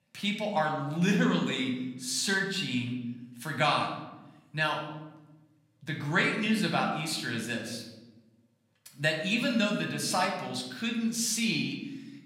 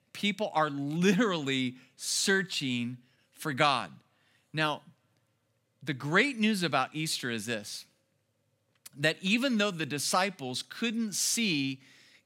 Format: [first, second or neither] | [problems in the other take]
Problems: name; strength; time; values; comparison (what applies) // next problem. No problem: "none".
second | room echo; slight; dies away in 0.9 s // off-mic speech; somewhat distant